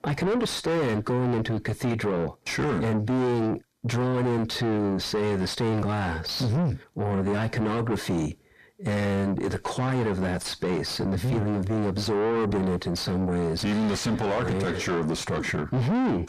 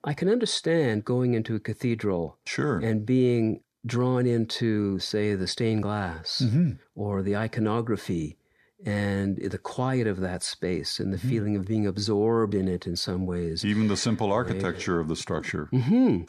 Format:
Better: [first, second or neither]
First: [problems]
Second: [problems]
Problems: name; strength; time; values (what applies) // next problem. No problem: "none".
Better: second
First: distortion; heavy; 5 dB below the speech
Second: none